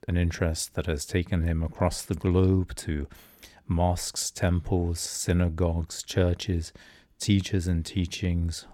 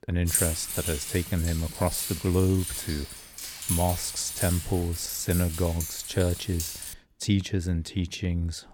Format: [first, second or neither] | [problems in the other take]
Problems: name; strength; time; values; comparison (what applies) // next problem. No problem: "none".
first | jangling keys; loud; until 7 s; peak 4 dB above the speech